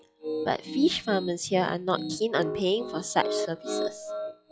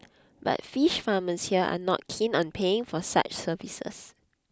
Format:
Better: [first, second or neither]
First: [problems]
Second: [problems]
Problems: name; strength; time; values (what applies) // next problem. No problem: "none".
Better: second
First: noise reduction (classical method log-MMSE)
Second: none